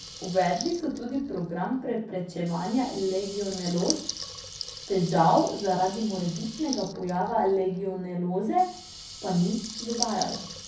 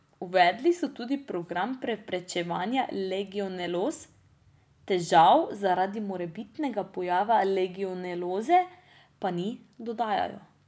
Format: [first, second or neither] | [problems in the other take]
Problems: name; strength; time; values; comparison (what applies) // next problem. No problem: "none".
second | background sound (Water tap, faucet / Liquid); 12 dB below the speech // room echo; dies away in 0.6 s